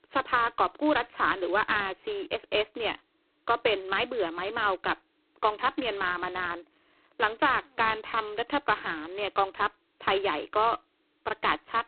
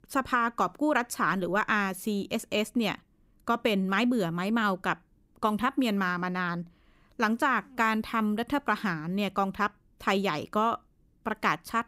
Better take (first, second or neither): second